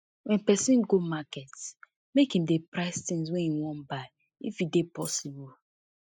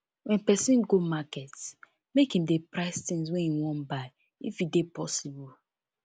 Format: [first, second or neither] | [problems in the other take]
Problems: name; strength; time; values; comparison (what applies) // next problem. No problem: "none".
second | noise reduction (classical method spectral subtraction)